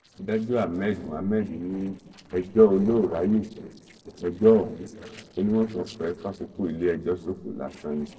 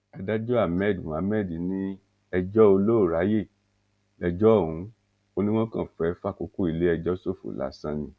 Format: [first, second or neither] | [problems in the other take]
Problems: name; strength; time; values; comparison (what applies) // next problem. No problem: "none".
second | noise reduction (neural separator model SepFormer DNS4)